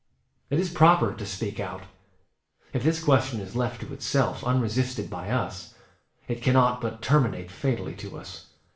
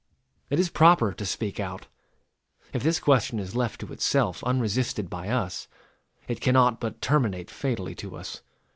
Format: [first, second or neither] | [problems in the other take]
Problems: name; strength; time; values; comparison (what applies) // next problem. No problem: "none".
second | room echo; dies away in 0.5 s